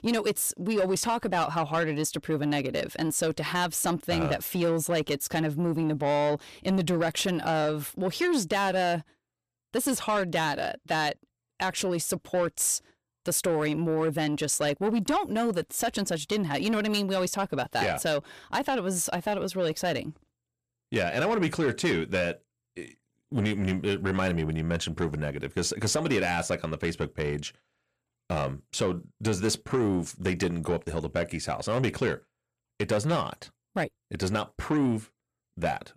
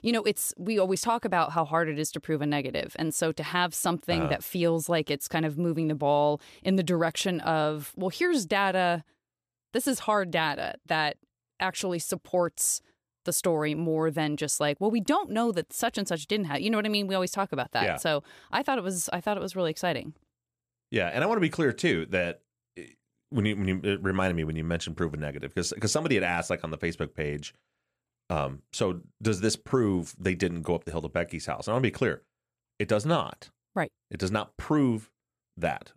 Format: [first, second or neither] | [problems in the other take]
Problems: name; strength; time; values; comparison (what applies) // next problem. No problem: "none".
second | distortion; slight; 10 dB below the speech